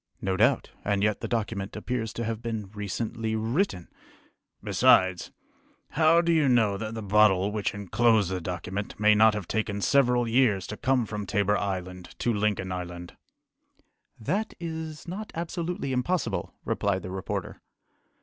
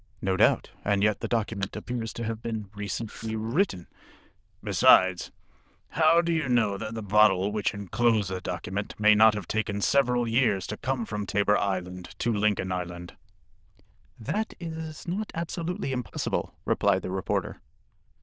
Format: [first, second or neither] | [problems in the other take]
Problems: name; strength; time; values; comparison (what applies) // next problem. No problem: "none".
first | noise reduction (neural diffusion model UNIVERSE++)